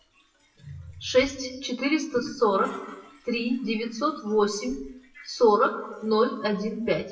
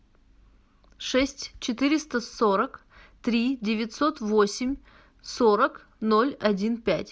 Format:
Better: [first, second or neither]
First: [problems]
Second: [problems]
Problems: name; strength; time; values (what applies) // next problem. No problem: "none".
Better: second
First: noise reduction (classical method WPE with log-MMSE)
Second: none